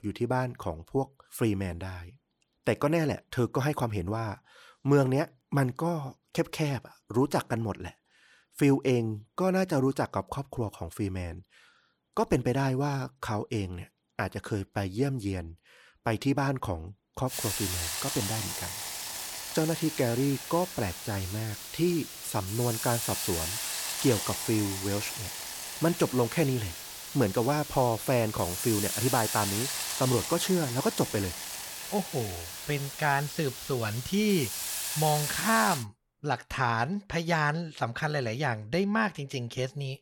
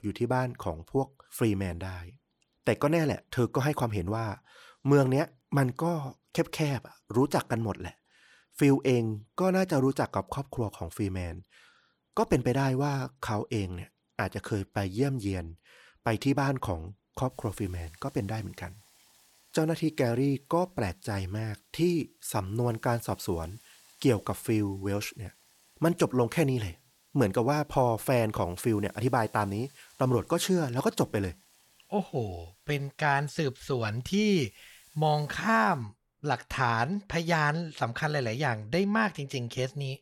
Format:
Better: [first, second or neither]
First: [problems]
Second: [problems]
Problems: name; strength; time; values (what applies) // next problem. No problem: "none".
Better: second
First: hiss; loud; from 17 to 36 s; 4 dB below the speech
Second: hiss; faint; from 17 to 36 s; 30 dB below the speech